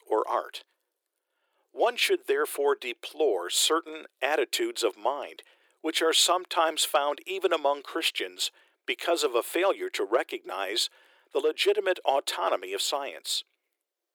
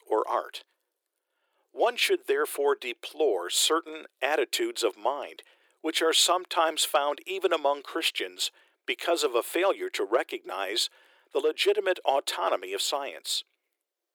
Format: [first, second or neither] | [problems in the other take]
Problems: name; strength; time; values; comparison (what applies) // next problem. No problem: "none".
neither | thin; very; fading below 350 Hz; the same in both